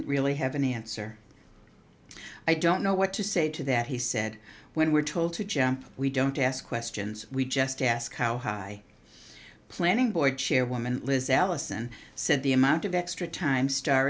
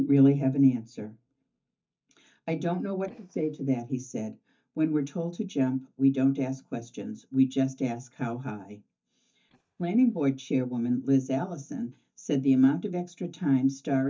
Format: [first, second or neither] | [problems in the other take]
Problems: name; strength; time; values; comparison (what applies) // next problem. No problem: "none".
first | noise reduction (neural mask model DeepFilterNet 3)